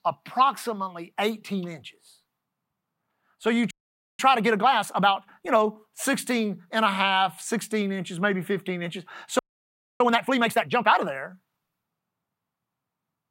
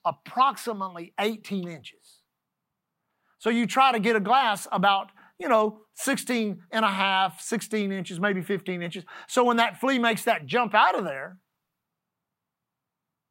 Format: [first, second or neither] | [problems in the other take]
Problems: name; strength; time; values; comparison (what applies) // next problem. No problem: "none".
second | audio freezing; at 3.5 s and at 9.5 s for 0.5 s